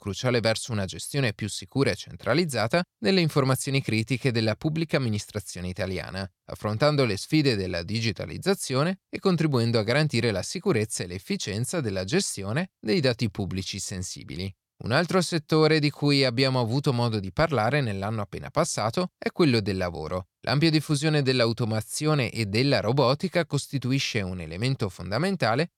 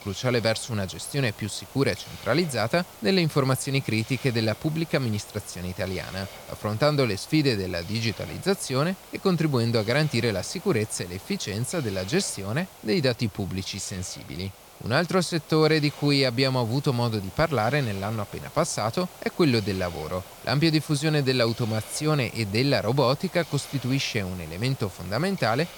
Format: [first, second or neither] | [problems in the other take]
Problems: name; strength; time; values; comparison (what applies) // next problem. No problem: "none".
first | hiss; noticeable; throughout; 15 dB below the speech